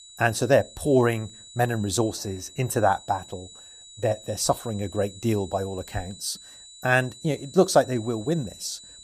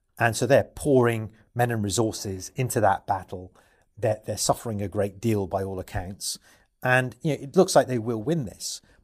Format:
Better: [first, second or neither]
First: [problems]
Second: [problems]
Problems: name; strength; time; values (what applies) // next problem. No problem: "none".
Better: second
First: high-pitched whine; noticeable; throughout; 4 kHz, 20 dB below the speech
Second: none